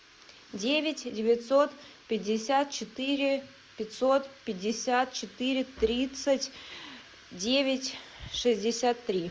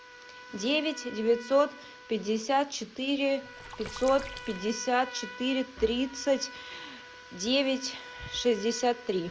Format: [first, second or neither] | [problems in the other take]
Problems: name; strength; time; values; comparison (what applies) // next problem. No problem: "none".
first | background sound (Trumpet + Water / Splash, splatter); 16 dB below the speech